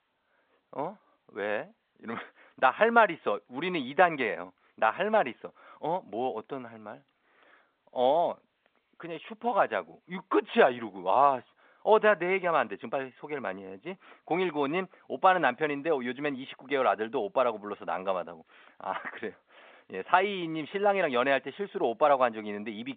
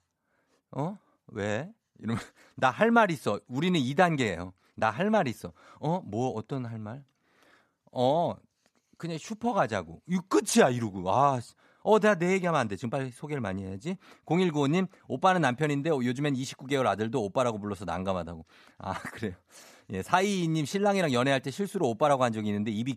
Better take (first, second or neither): second